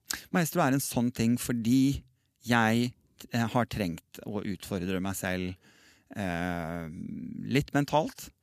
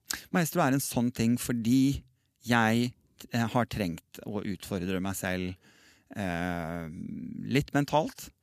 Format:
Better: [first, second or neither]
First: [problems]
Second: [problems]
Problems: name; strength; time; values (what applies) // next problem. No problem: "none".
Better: neither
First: none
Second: none